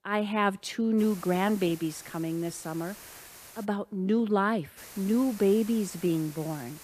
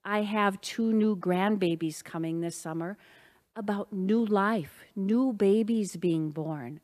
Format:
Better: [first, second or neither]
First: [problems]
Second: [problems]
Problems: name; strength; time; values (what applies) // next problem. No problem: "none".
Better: second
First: hiss; noticeable; from 1 to 3.5 s and from 5 s on; 15 dB below the speech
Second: none